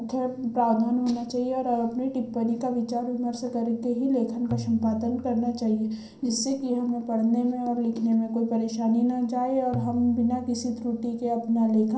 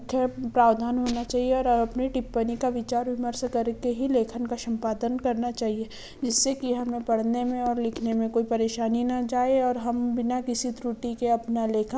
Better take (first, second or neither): second